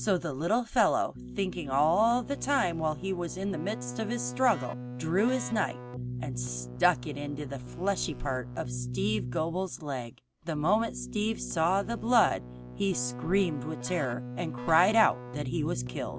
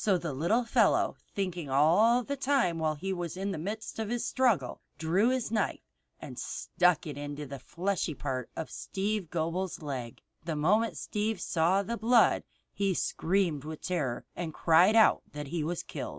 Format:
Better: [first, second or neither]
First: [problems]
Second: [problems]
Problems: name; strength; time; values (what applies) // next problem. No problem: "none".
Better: second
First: background sound (Keyboard (musical)); 10 dB below the speech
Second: none